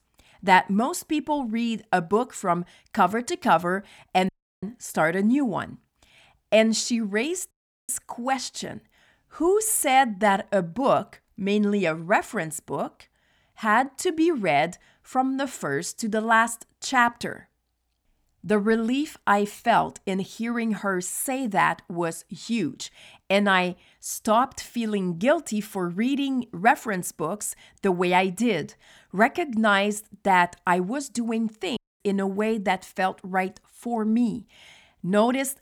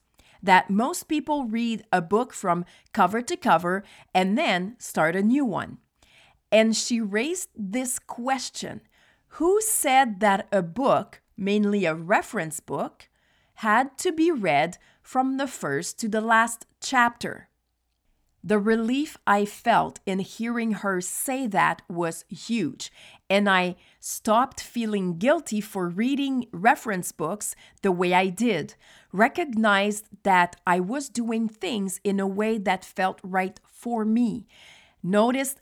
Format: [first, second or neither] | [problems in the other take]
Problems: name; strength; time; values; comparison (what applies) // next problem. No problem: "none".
second | audio cutting out; at 4.5 s, at 7.5 s and at 32 s